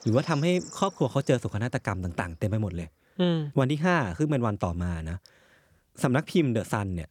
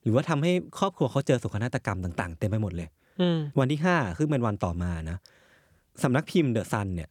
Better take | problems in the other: second | animal sounds; noticeable; throughout; 20 dB below the speech

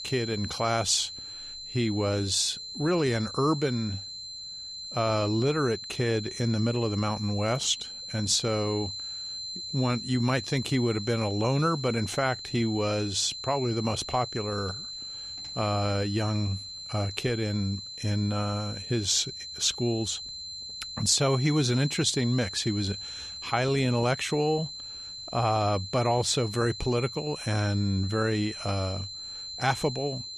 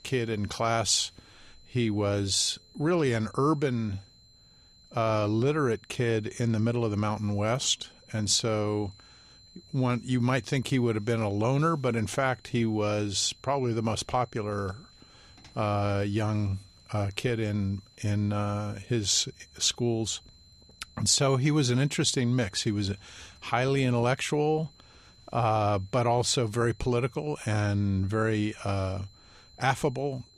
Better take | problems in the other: second | high-pitched whine; loud; throughout; 4 kHz, 9 dB below the speech; faint in the second

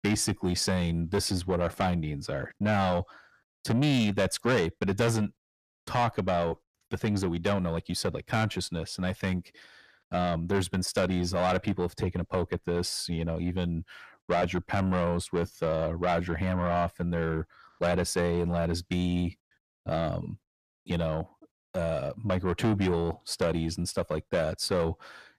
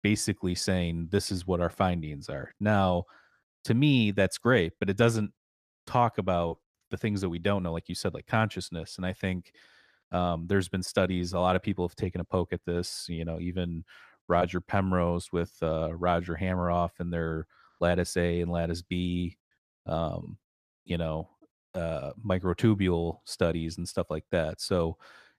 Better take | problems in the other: second | distortion; heavy; 7 dB below the speech

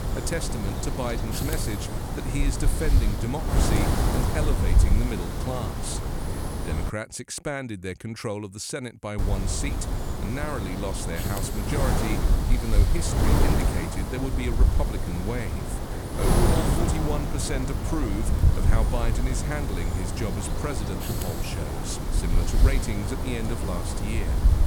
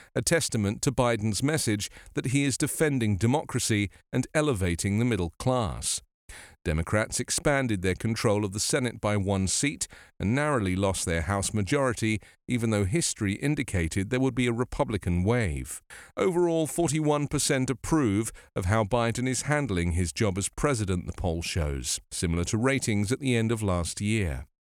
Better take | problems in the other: second | wind noise on the microphone; heavy; until 7 s and from 9 s on; 1 dB above the speech

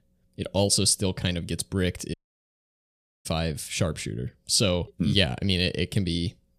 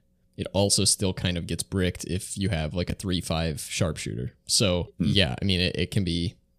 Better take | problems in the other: second | audio cutting out; at 2 s for 1 s

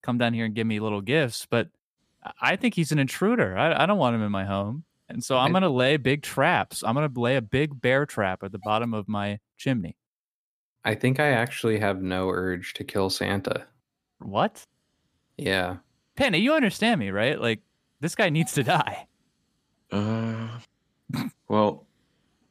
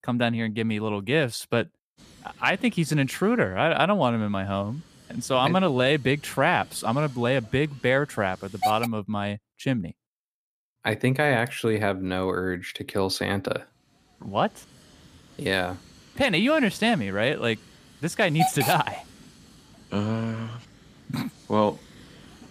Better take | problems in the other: first | hiss; loud; from 2 to 9 s and from 14 s on; 8 dB below the speech; faint in the first

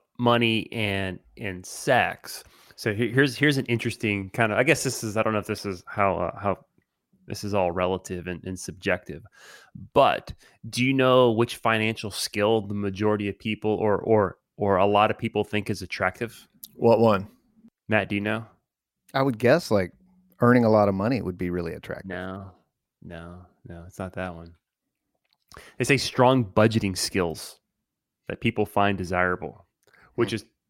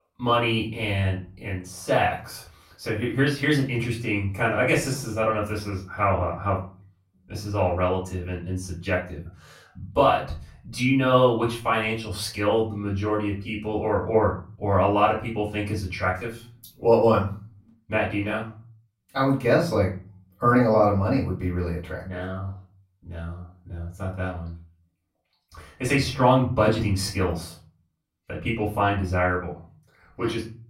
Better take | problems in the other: first | off-mic speech; far // room echo; slight; dies away in 0.4 s

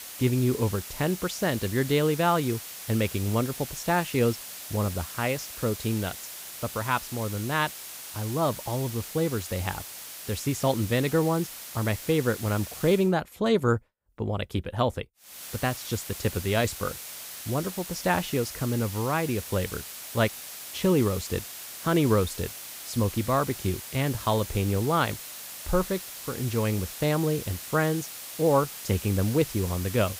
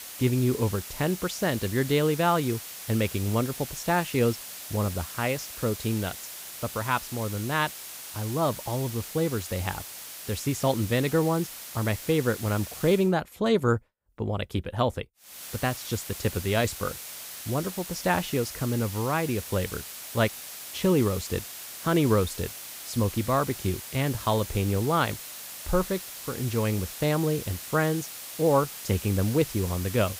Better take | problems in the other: neither | hiss; loud; until 13 s and from 15 s on; 10 dB below the speech; the same in both

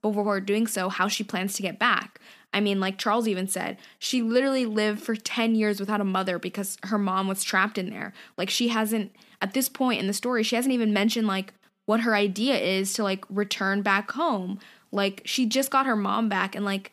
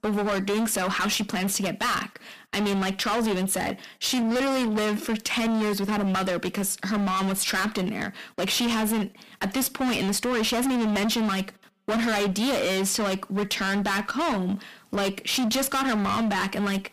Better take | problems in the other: first | distortion; heavy; 33% of the sound clipped

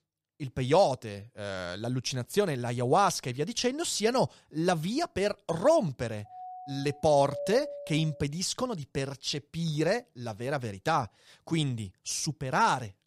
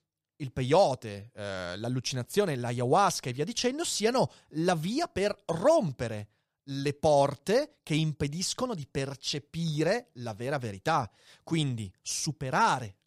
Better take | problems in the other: second | doorbell; noticeable; from 6.5 to 8 s; peak 7 dB below the speech

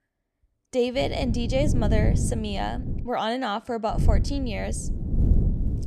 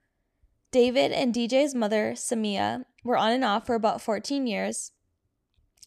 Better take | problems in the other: second | wind noise on the microphone; occasional gusts; from 1 to 3 s and from 4 s on; 10 dB below the speech

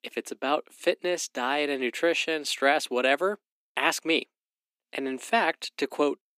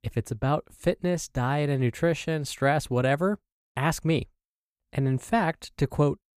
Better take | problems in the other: second | thin; somewhat; fading below 250 Hz

